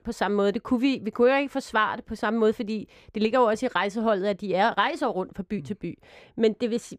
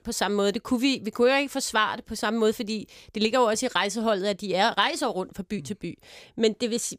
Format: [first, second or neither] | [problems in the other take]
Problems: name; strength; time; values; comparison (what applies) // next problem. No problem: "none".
second | muffled; slightly; fading above 3.5 kHz